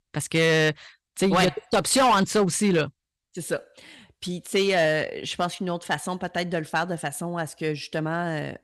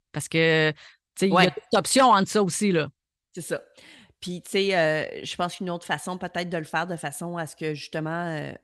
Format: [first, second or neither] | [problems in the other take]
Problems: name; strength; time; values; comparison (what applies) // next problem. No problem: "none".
second | distortion; slight; 5% of the sound clipped